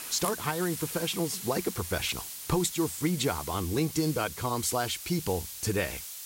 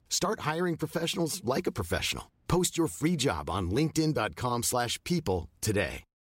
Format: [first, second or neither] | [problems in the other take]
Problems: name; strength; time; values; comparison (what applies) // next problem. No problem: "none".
second | hiss; loud; throughout; 7 dB below the speech